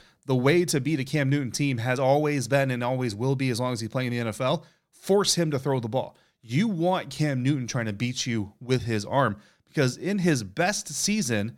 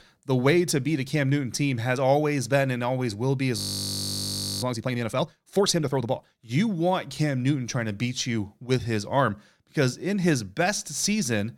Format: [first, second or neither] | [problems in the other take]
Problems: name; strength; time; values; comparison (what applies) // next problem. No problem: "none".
first | audio freezing; at 3.5 s for 1 s